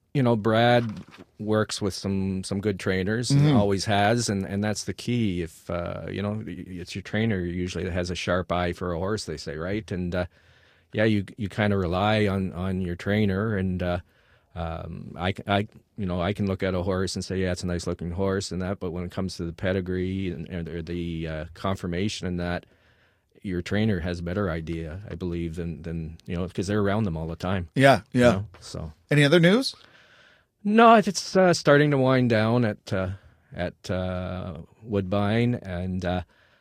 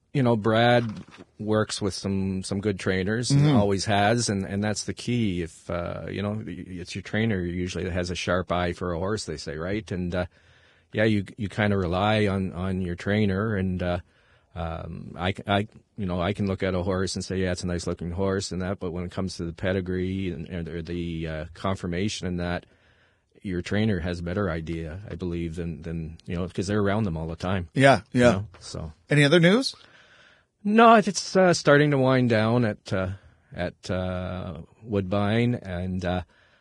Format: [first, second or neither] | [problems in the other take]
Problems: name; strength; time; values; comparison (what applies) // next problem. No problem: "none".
first | garbled, watery; badly; slightly in the first